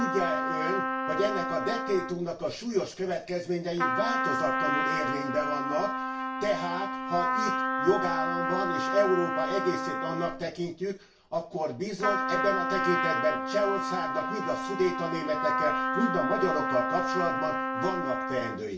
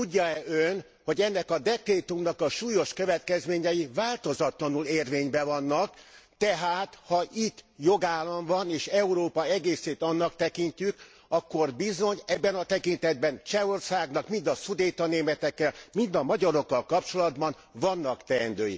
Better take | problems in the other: second | background sound (Trumpet); as loud as the speech // room echo; dies away in 0.3 s

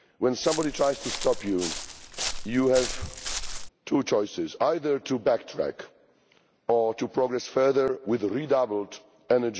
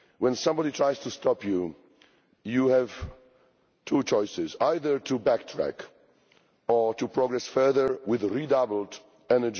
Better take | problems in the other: second | background sound (Walk, footsteps); 7 dB below the speech

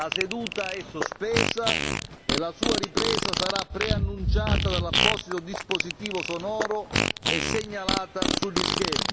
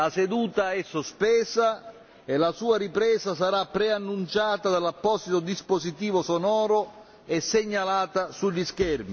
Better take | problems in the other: second | background sound (Fart); 4 dB above the speech

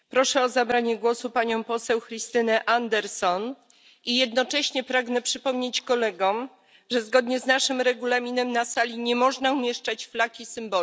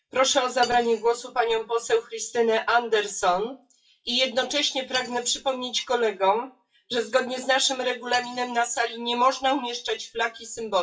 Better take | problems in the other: first | noise reduction (classical method WPE with log-MMSE)

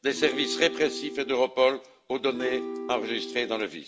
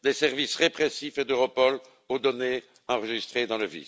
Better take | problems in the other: second | background sound (Acoustic guitar / Strum); 8 dB below the speech // room echo; dies away in 0.4 s

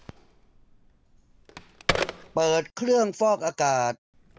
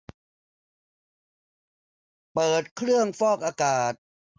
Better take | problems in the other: second | background sound (Telephone); 9 dB below the speech

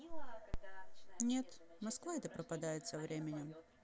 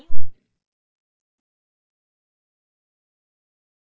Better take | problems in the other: first | noise reduction (neural mask model DeepFilterNet 3)

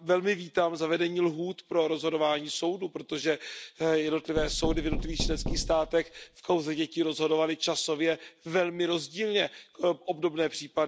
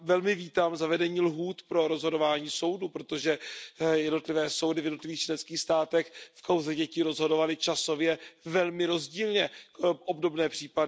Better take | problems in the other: second | background sound (Knock); 5 dB below the speech

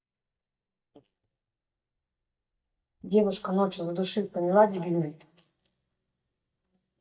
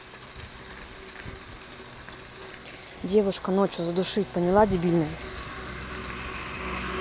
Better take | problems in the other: second | noise reduction (neural mask model DeepFilterNet 3)

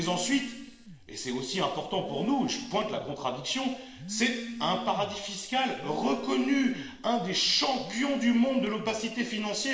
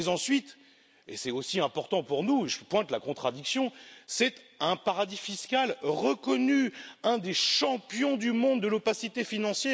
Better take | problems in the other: second | noise reduction (neural separator model SepFormer DNS4)

